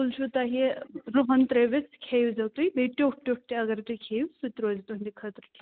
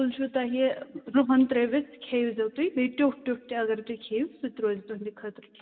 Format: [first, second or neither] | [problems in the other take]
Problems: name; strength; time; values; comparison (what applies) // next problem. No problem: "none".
first | room echo; dies away in 1.9 s